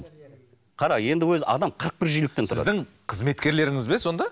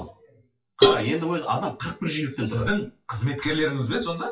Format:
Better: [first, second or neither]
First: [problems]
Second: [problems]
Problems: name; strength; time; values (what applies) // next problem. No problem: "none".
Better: first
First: none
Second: noise reduction (classical method WPE with log-MMSE)